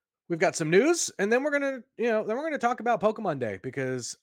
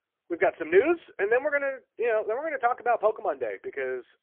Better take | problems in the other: first | phone-call audio; poor line

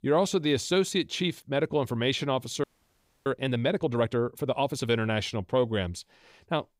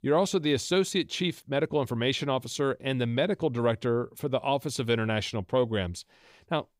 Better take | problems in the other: second | audio freezing; at 2.5 s for 0.5 s

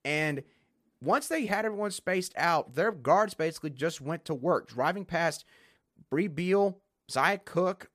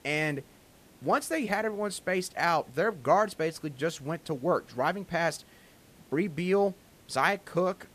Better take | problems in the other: first | hiss; faint; throughout; 25 dB below the speech

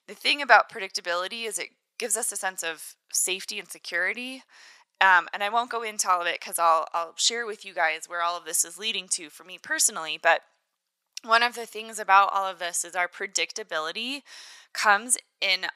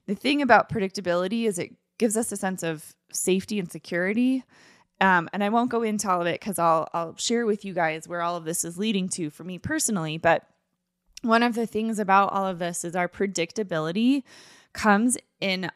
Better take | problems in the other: second | thin; very; fading below 900 Hz

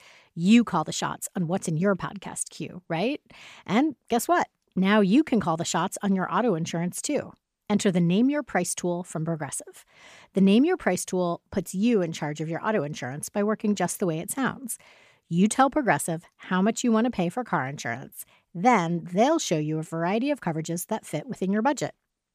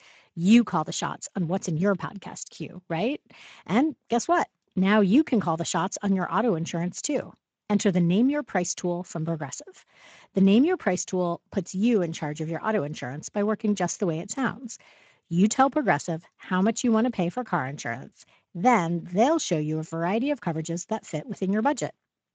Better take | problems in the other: first | garbled, watery; slightly; nothing above 7.5 kHz

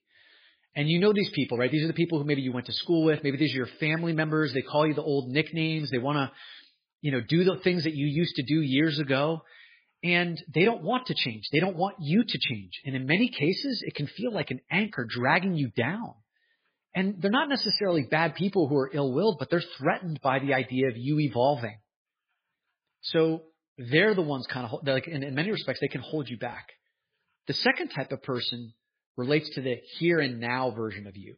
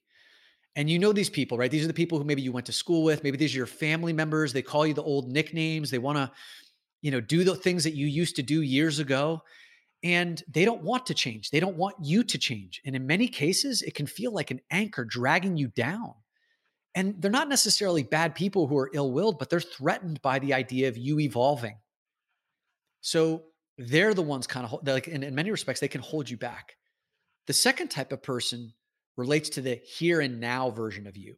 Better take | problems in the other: second | garbled, watery; badly; nothing above 5 kHz

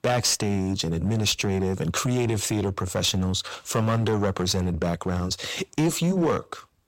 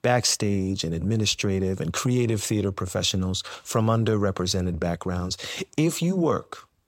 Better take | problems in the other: second | distortion; slight; 8% of the sound clipped

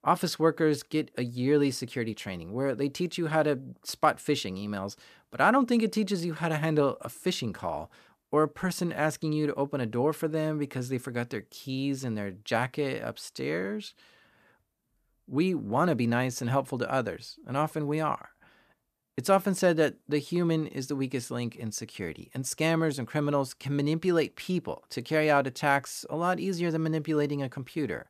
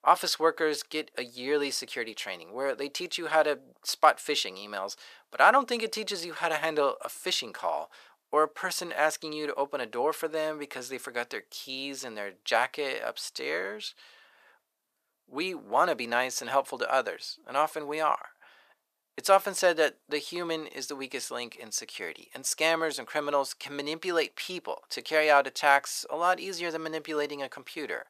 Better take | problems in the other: first | thin; very; fading below 650 Hz

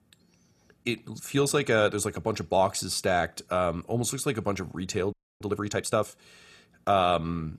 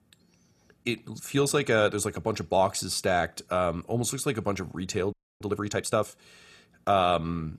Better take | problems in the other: neither | audio freezing; at 5 s; the same in both

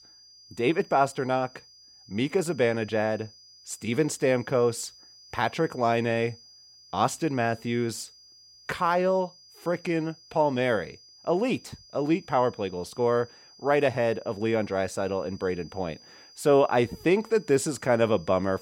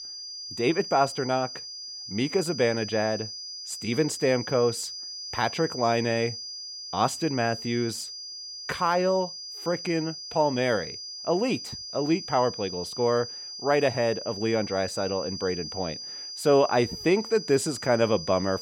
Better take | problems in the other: first | high-pitched whine; loud; throughout; 5 kHz, 9 dB below the speech; faint in the first

